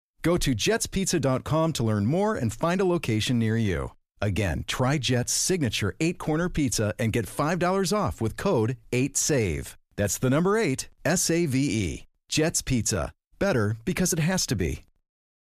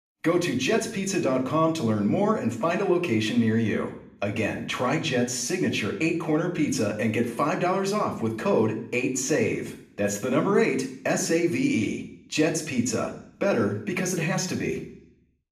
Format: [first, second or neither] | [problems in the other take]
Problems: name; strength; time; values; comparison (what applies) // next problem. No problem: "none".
first | room echo; slight; dies away in 0.6 s // off-mic speech; somewhat distant